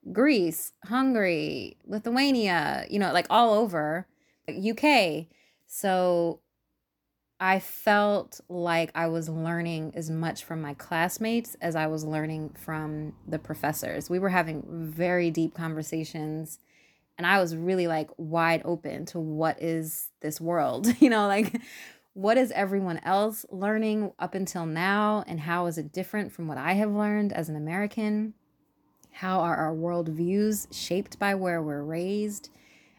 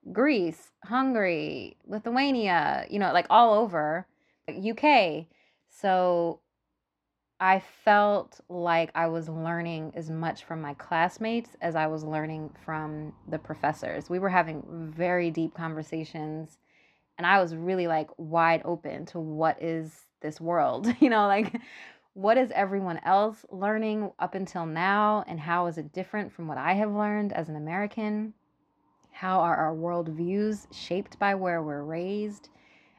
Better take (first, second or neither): first